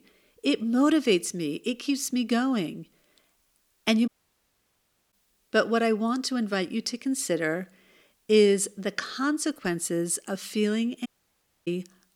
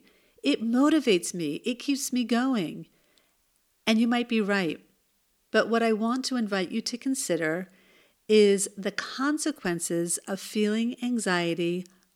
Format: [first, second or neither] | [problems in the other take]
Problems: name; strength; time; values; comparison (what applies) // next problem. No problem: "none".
second | audio cutting out; at 4 s for 1 s and at 11 s for 0.5 s